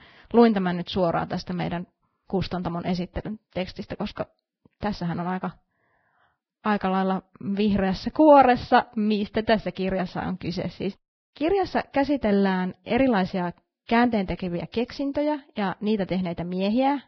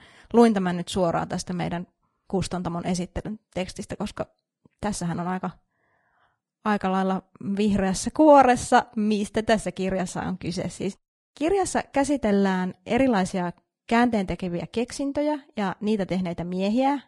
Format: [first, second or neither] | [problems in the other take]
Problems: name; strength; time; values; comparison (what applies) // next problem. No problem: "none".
second | garbled, watery; badly; nothing above 5.5 kHz; slightly in the second